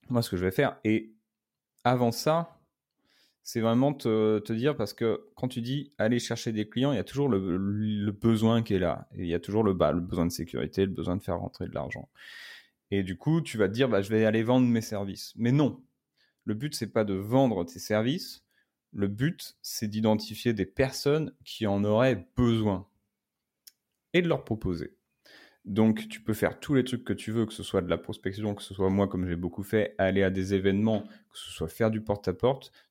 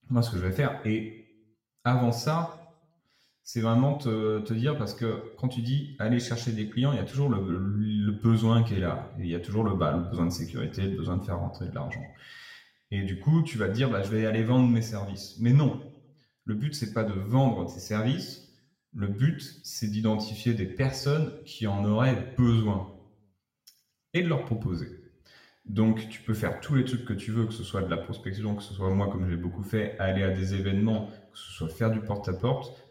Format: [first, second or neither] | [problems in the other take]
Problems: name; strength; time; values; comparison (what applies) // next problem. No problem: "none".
first | room echo; slight; dies away in 0.6 s // off-mic speech; somewhat distant